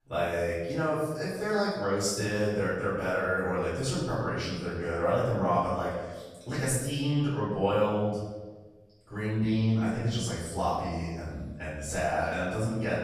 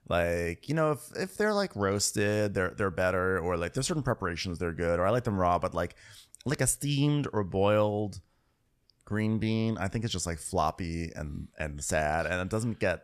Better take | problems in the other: second | off-mic speech; far // room echo; strong; dies away in 1.1 s

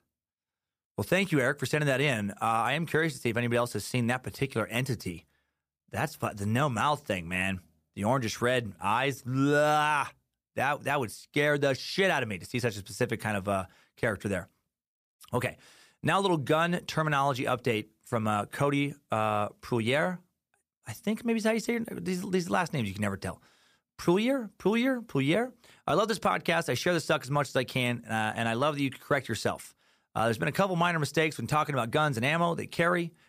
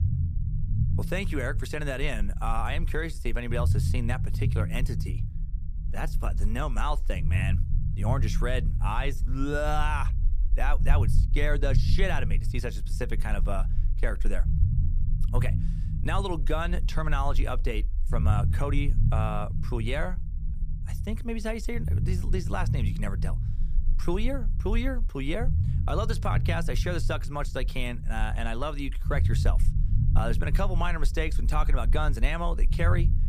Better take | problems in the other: first | low rumble; noticeable; throughout; 10 dB below the speech

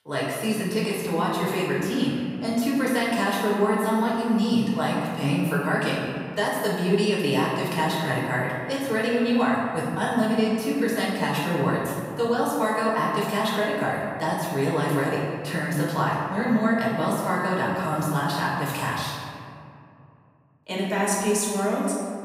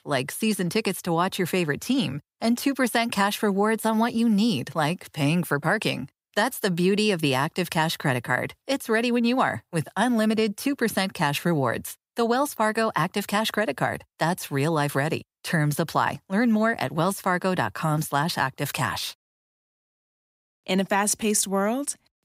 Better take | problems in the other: second | room echo; strong; dies away in 1.9 s // off-mic speech; far

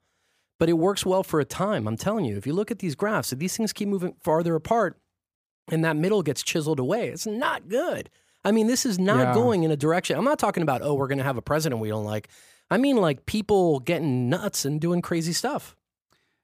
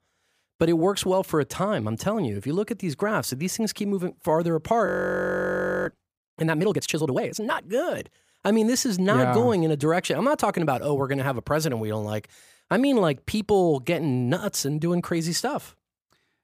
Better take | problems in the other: first | audio freezing; at 5 s for 1 s

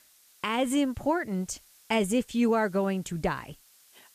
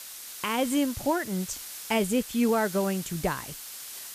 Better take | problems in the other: first | hiss; loud; throughout; 10 dB below the speech; faint in the first

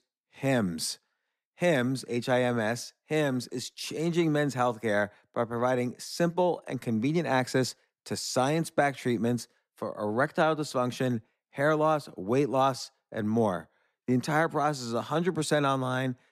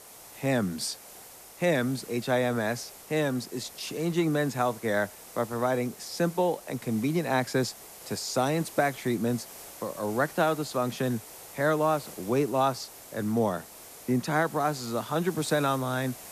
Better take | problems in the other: first | hiss; noticeable; throughout; 15 dB below the speech

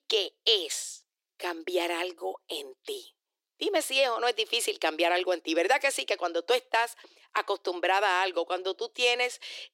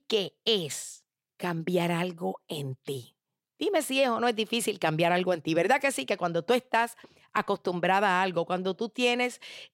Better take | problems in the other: second | thin; very; fading below 300 Hz

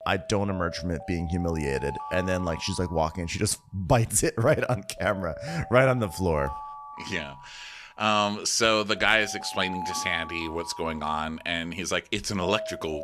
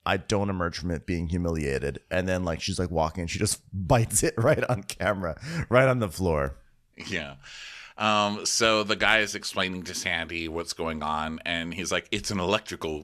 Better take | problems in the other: second | alarms or sirens; noticeable; throughout; 15 dB below the speech

